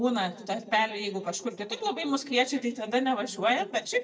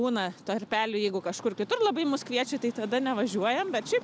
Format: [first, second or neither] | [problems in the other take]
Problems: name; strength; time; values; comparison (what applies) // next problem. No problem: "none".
second | noise reduction (neural mask model DeepFilterNet 3)